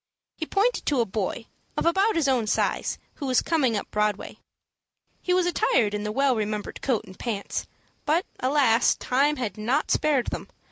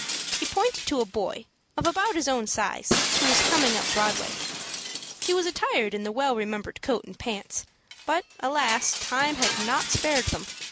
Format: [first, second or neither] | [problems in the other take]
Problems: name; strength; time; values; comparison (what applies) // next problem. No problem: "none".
first | background sound (Shatter); 3 dB below the speech